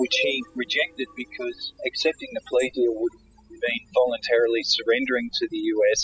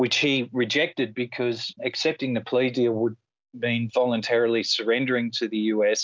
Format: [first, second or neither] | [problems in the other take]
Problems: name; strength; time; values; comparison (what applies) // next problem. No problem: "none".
second | noise reduction (classical method spectral subtraction)